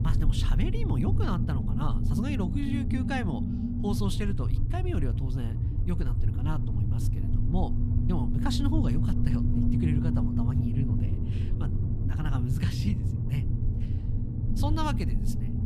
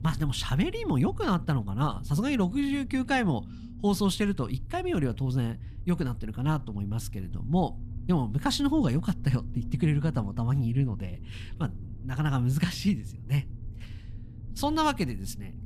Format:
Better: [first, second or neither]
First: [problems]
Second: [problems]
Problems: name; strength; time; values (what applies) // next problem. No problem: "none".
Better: second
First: low rumble; loud; throughout; 2 dB below the speech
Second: low rumble; faint; throughout; 20 dB below the speech